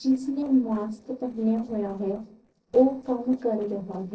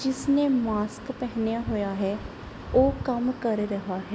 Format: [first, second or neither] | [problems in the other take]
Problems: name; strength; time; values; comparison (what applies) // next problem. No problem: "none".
second | noise reduction (neural separator model SepFormer DNS4)